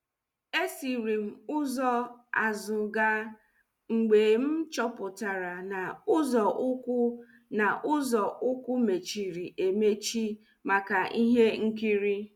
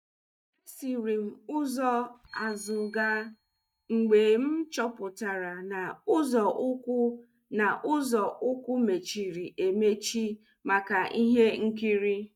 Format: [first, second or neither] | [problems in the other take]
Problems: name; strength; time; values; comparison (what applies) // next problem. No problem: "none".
first | noise reduction (neural mask model DeepFilterNet 3)